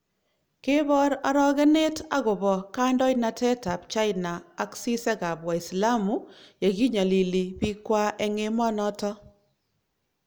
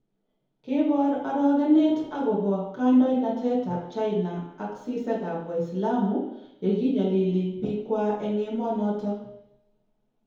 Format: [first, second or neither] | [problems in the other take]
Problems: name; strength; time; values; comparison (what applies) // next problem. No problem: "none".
first | room echo; dies away in 2 s